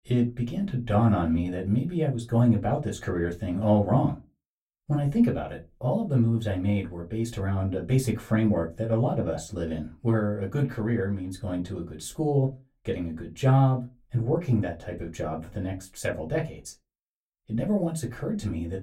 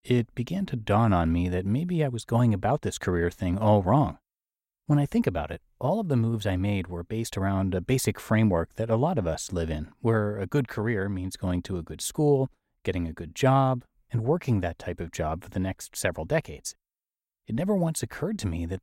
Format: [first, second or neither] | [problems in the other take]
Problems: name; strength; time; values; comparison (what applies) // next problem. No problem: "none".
second | off-mic speech; far // room echo; very slight; dies away in 0.2 s